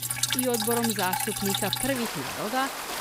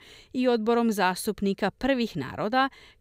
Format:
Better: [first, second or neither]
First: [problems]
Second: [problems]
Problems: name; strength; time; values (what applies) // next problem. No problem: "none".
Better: second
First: rain or running water; very loud; throughout; 2 dB above the speech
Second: none